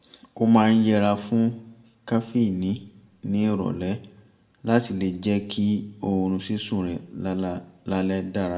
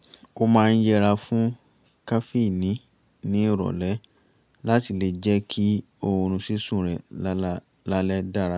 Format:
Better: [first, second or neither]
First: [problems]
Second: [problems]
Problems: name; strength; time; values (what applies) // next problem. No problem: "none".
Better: second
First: room echo; dies away in 0.5 s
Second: none